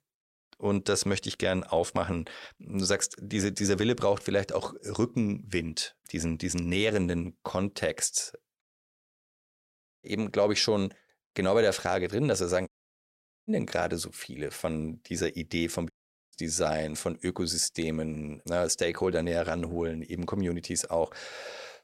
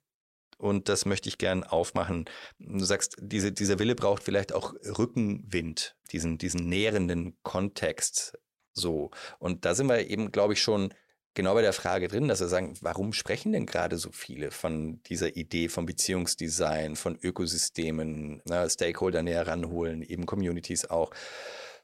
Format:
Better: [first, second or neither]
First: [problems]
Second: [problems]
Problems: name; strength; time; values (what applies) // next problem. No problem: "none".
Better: second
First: audio cutting out; at 8.5 s for 1.5 s, at 13 s for 1 s and at 16 s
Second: none